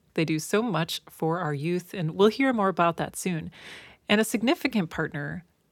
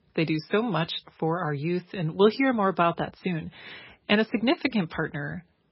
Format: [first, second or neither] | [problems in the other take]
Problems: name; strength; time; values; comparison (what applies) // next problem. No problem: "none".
first | garbled, watery; badly; nothing above 5.5 kHz